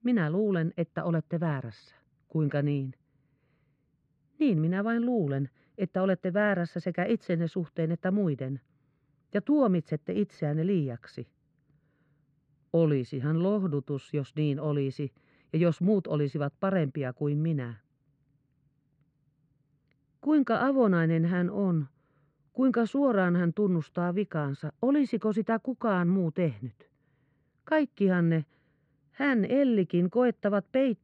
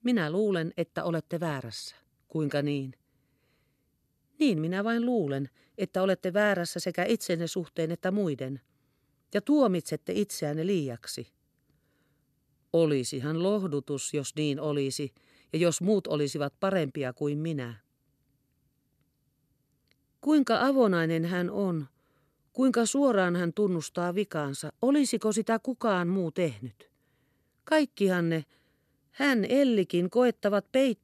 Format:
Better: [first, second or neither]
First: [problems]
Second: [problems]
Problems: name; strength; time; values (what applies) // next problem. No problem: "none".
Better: second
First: muffled; very; fading above 2 kHz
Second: none